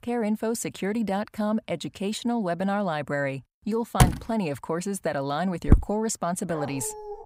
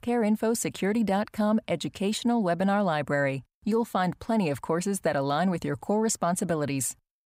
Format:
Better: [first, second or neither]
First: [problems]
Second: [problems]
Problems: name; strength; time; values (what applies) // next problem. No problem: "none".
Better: second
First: door banging; loud; at 4 s; peak 6 dB above the speech // footsteps; loud; at 5.5 s; peak 5 dB above the speech // dog barking; noticeable; at 6.5 s; peak 9 dB below the speech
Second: none